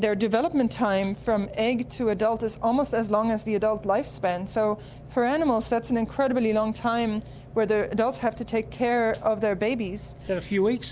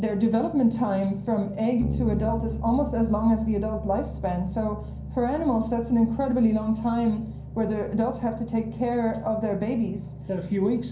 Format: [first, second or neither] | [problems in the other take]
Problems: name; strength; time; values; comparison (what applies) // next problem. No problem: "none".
first | background sound (Bass guitar); 11 dB below the speech // room echo; dies away in 0.6 s